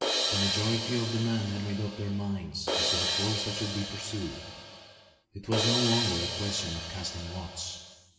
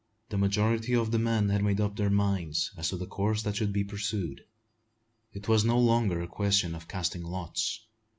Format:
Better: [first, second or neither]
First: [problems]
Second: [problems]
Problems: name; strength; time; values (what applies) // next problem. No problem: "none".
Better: second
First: background sound (Crash cymbal); as loud as the speech // room echo; dies away in 1.4 s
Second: none